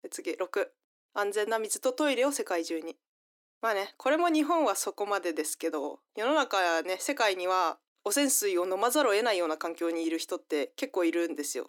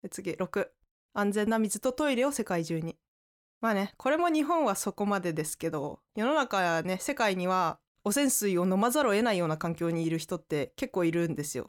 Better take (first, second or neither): second